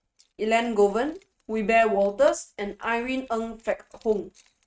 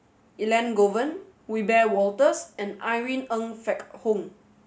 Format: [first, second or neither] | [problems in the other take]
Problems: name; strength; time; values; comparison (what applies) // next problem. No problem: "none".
second | noise reduction (neural mask model RNNoise)